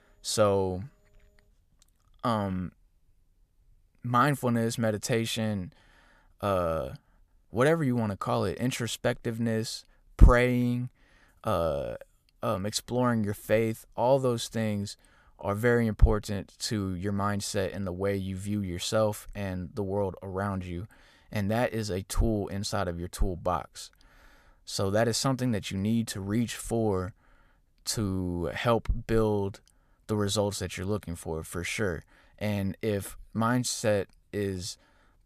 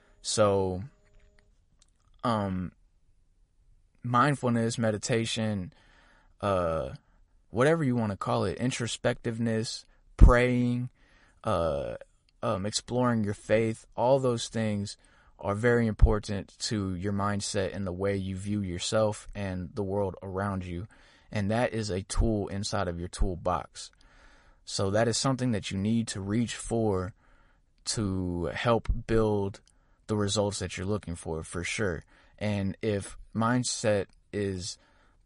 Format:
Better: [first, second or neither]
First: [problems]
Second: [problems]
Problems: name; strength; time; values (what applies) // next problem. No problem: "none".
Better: first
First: none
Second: garbled, watery; slightly; nothing above 10.5 kHz